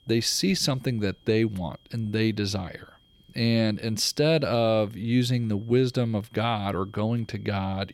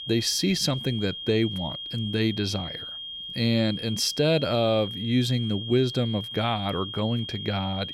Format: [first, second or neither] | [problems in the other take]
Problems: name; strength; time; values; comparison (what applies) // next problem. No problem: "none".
first | high-pitched whine; loud; throughout; 3 kHz, 8 dB below the speech; faint in the first